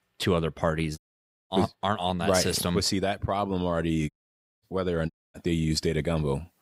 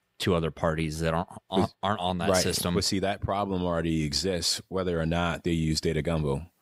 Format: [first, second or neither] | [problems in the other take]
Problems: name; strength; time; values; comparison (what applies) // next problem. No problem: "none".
second | audio cutting out; at 1 s for 0.5 s, at 4 s for 0.5 s and at 5 s